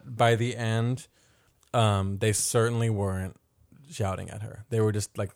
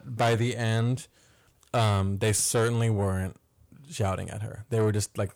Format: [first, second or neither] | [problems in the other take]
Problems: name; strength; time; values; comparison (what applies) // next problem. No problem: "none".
first | distortion; slight; 10 dB below the speech